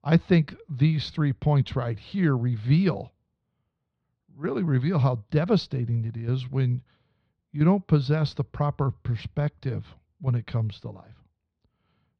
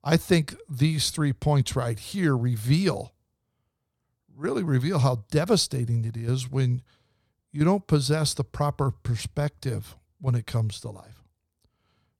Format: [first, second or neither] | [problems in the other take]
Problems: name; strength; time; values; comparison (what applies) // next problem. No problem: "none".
second | muffled; slightly; fading above 3.5 kHz